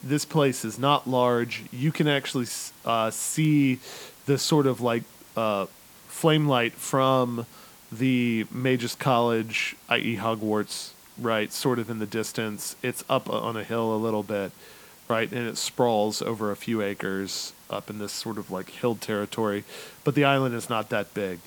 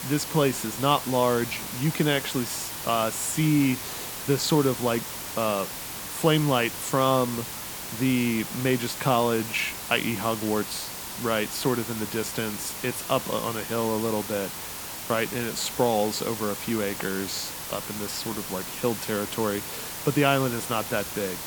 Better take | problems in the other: first | hiss; loud; throughout; 6 dB below the speech; faint in the first

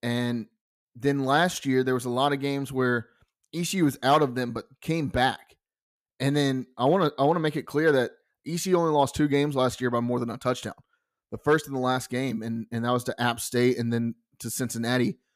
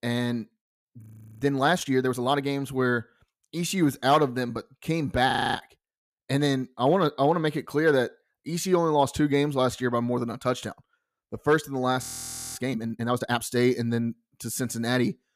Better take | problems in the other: first | audio freezing; at 1 s, at 5.5 s and at 12 s for 0.5 s

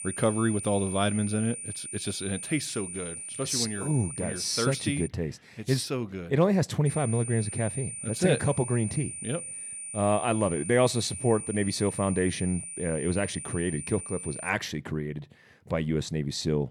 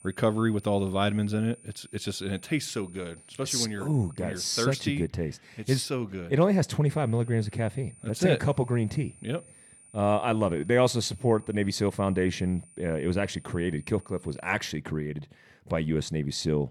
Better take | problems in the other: second | high-pitched whine; loud; until 5 s and from 7 to 14 s; 9 kHz, 7 dB below the speech; faint in the second

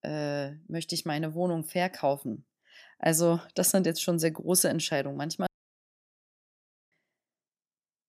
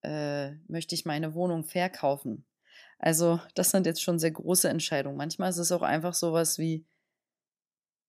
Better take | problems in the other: second | audio cutting out; at 5.5 s for 1.5 s

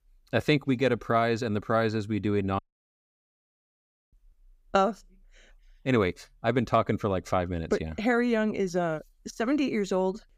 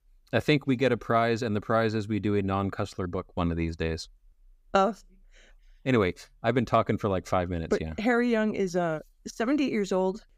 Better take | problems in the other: second | audio cutting out; at 2.5 s for 1.5 s

